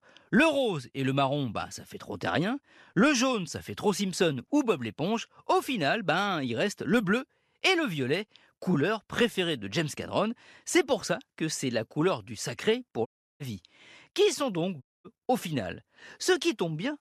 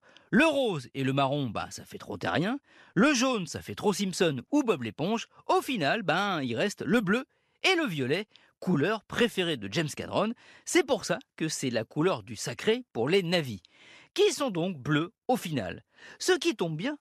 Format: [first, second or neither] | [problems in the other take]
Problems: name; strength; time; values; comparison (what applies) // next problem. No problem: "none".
second | audio cutting out; at 13 s and at 15 s